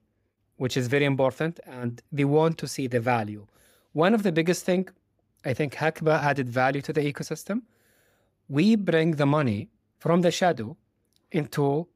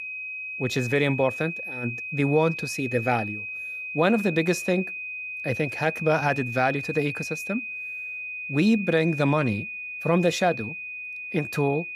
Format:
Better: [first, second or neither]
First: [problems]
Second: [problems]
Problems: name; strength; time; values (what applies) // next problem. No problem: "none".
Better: first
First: none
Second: high-pitched whine; loud; throughout; 2.5 kHz, 6 dB below the speech